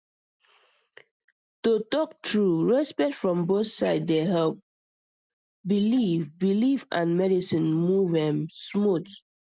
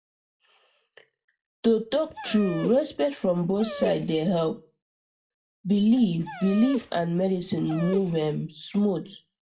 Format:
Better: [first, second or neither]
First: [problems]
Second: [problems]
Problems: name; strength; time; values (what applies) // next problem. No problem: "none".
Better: first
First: none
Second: background sound (Dog); 13 dB below the speech // room echo; dies away in 0.3 s